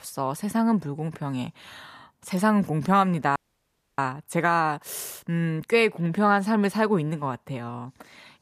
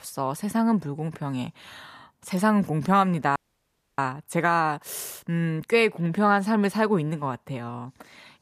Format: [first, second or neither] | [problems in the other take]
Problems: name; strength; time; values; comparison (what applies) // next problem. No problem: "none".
neither | audio freezing; at 3.5 s for 0.5 s; the same in both